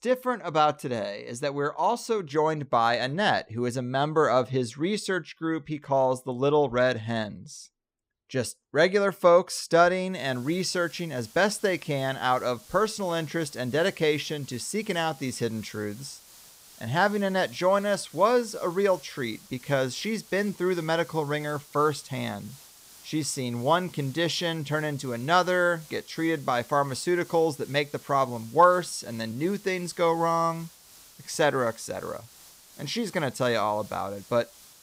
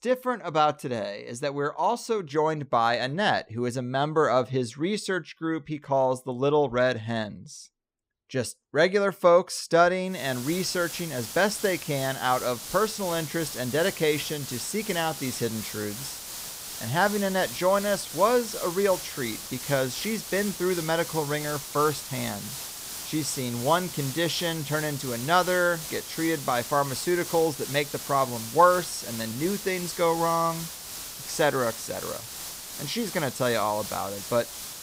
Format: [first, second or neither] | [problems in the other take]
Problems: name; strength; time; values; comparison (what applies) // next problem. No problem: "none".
first | hiss; loud; from 10 s on; 8 dB below the speech; faint in the first